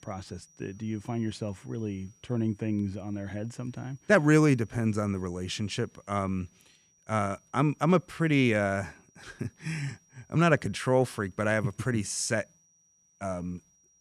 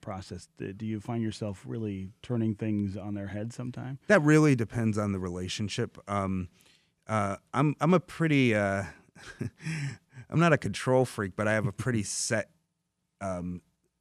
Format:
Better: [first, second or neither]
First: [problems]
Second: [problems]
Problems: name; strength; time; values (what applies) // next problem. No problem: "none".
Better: second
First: high-pitched whine; faint; throughout; 6 kHz, 35 dB below the speech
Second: none